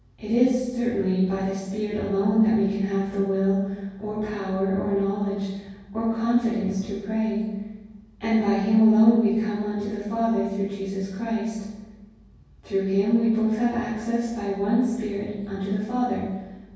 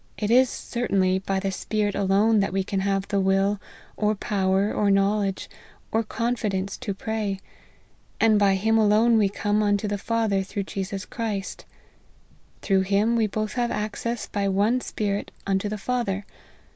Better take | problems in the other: second | room echo; dies away in 1.3 s

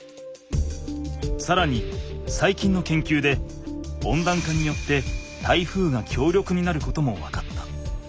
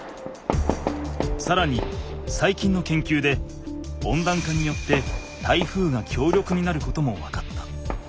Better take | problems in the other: first | background sound (Fireworks); 10 dB below the speech

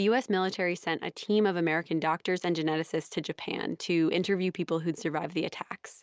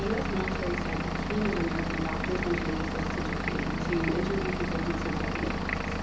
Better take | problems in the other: first | background sound (Engine / Vehicle); 3 dB above the speech // room echo; dies away in 0.7 s

